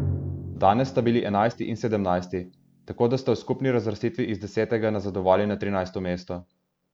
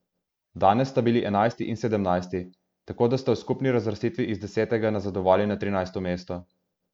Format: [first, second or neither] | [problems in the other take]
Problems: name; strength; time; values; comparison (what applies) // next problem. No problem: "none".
second | background sound (Drum); 13 dB below the speech